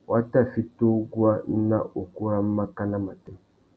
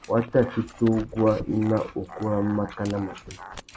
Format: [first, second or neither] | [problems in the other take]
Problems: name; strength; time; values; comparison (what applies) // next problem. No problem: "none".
first | background sound (Dog); 16 dB below the speech